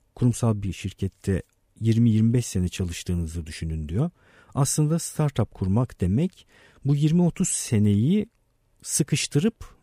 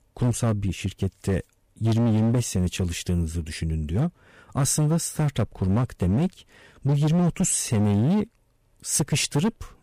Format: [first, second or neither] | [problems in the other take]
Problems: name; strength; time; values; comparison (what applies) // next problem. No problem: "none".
first | distortion; slight; 14% of the sound clipped